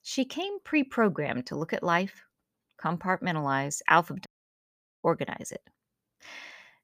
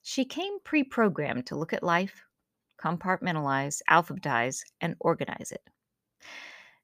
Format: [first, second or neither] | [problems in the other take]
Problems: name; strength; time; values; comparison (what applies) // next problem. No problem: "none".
second | audio cutting out; at 4.5 s for 1 s